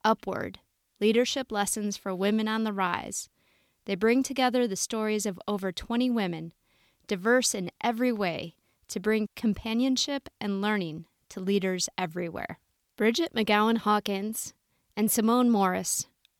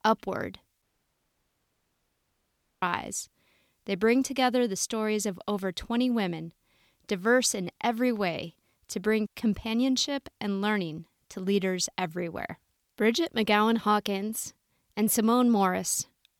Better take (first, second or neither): first